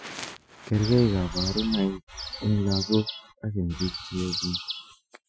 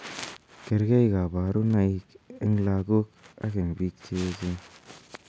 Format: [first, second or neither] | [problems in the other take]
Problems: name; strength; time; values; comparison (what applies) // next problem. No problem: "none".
second | noise reduction (classical method Wiener filter)